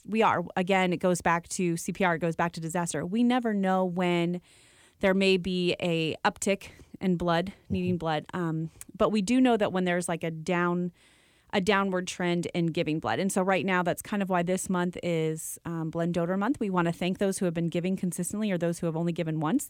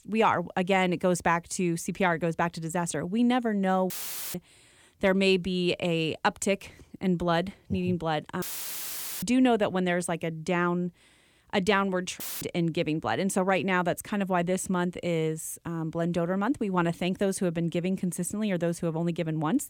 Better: first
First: none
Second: audio cutting out; filled with static; at 4 s, at 8.5 s for 1 s and at 12 s

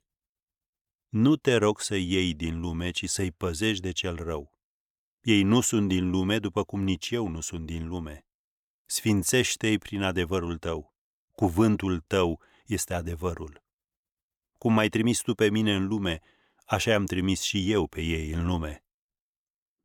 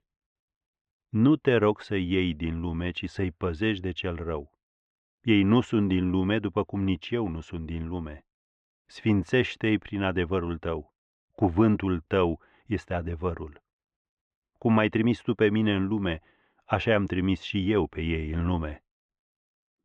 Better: first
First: none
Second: muffled; very; fading above 2.5 kHz

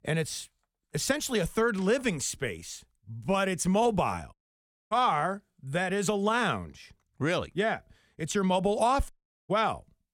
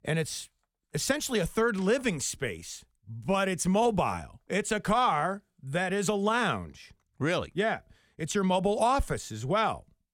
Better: second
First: audio cutting out; at 4.5 s for 0.5 s and at 9 s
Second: none

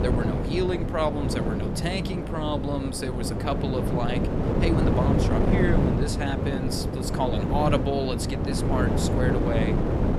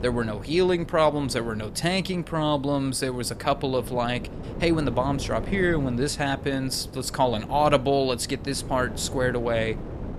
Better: second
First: wind noise on the microphone; heavy; 1 dB below the speech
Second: wind noise on the microphone; occasional gusts; 15 dB below the speech

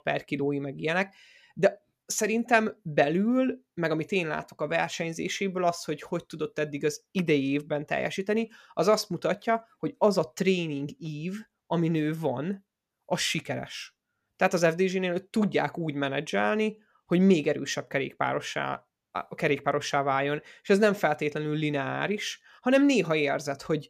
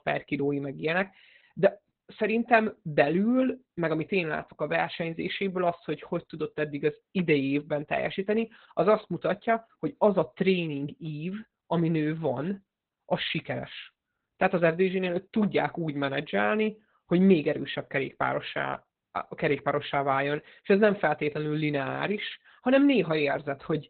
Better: first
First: none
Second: garbled, watery; badly; nothing above 4 kHz

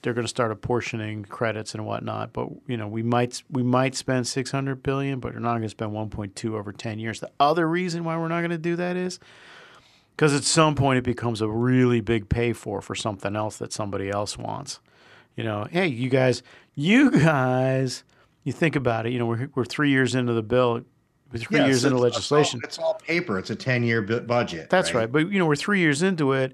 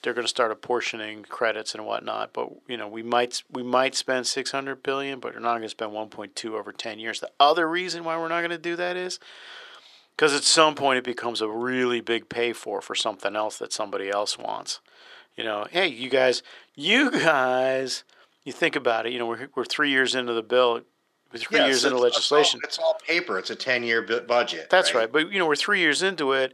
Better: first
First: none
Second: thin; somewhat; fading below 450 Hz

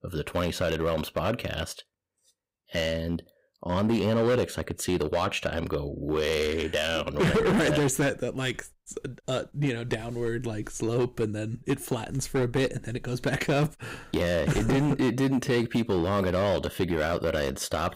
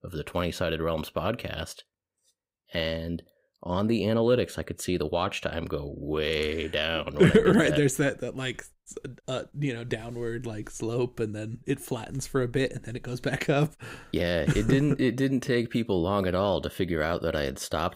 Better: second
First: distortion; heavy; 8% of the sound clipped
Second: none

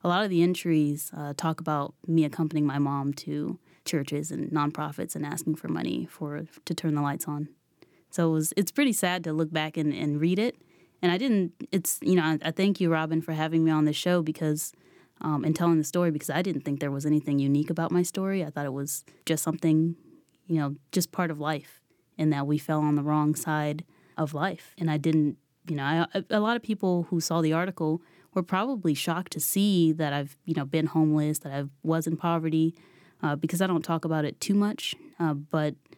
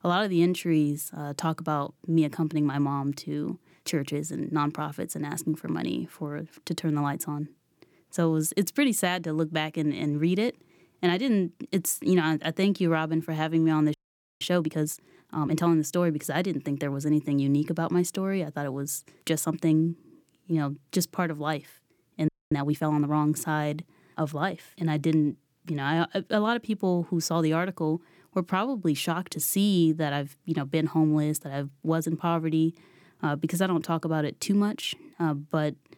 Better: first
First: none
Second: audio freezing; at 14 s and at 22 s

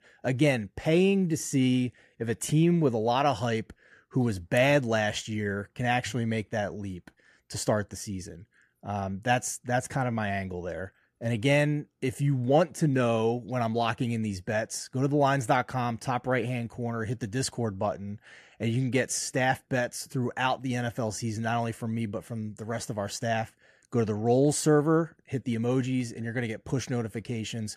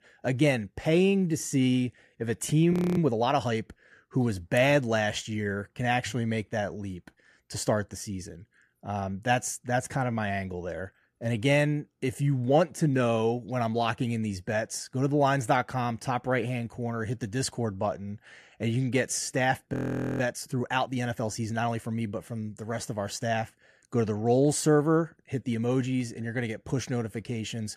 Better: first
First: none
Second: audio freezing; at 2.5 s and at 20 s

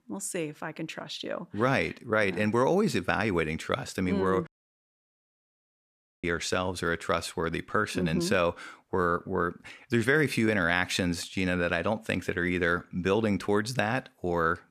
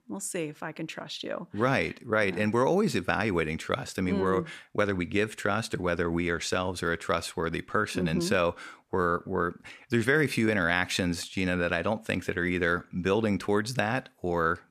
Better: second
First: audio cutting out; at 4.5 s for 2 s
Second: none

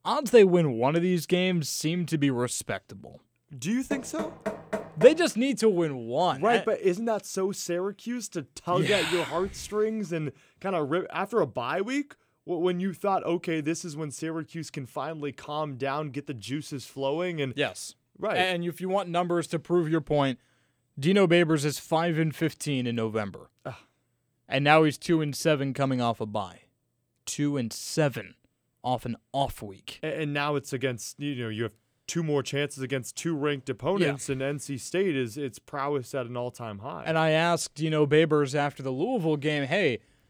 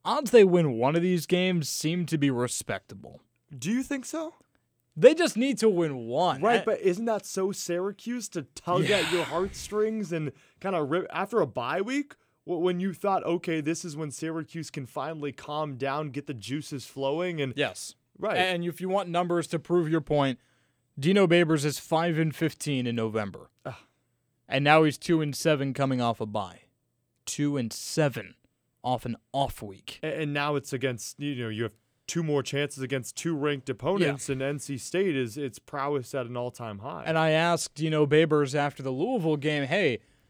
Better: second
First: door banging; noticeable; from 4 to 5 s; peak 6 dB below the speech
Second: none

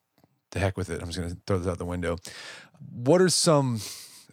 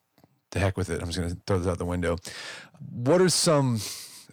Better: first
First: none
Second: distortion; slight; 10 dB below the speech

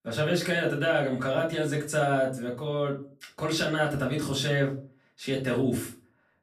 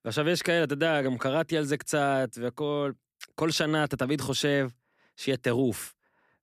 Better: second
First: room echo; slight; dies away in 0.3 s // off-mic speech; far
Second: none

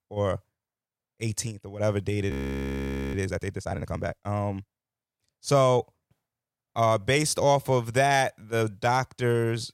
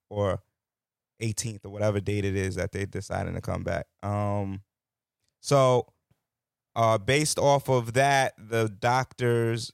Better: second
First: audio freezing; at 2.5 s for 1 s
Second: none

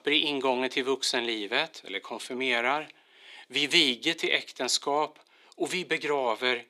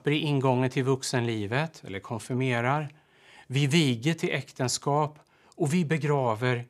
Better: second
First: thin; somewhat; fading below 300 Hz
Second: none

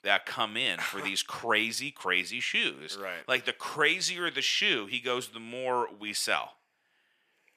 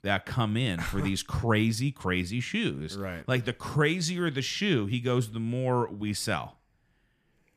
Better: second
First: thin; very; fading below 550 Hz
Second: none

